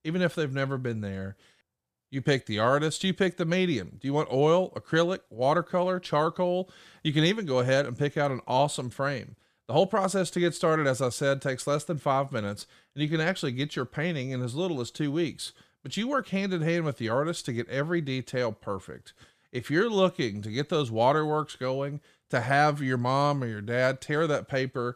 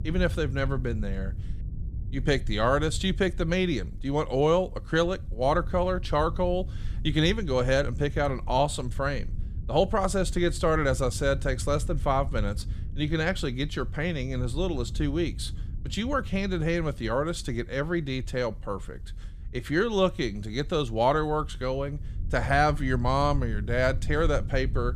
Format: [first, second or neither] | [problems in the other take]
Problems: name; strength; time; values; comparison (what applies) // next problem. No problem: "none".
first | low rumble; faint; throughout; 25 dB below the speech